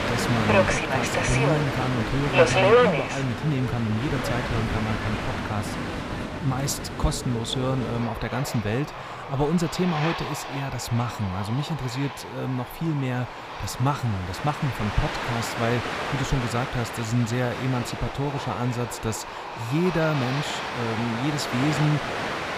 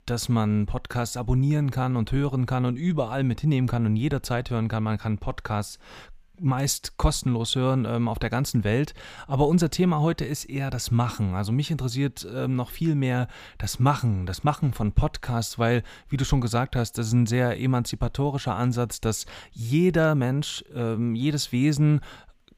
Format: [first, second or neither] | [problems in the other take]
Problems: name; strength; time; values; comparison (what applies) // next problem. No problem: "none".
second | train or aircraft noise; loud; throughout; as loud as the speech